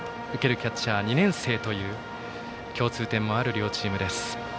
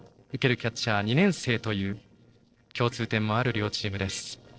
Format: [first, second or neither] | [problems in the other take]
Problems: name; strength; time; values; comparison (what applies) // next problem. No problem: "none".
first | noise reduction (neural separator model SepFormer DNS4)